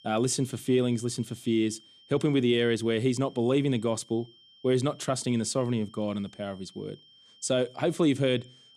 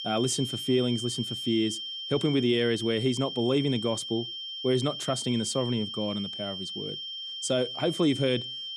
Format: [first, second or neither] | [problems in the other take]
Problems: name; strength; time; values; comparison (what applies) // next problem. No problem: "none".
first | high-pitched whine; loud; throughout; 3 kHz, 6 dB below the speech; faint in the first